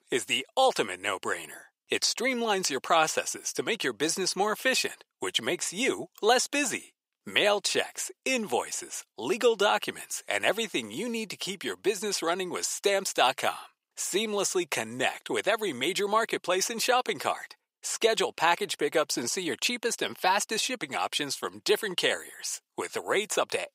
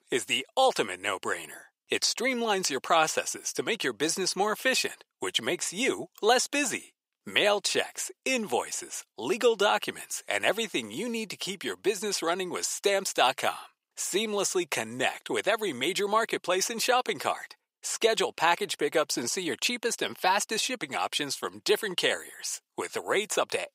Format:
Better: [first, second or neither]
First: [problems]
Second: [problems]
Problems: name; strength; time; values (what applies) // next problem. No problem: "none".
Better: neither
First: thin; very; fading below 550 Hz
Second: thin; very; fading below 550 Hz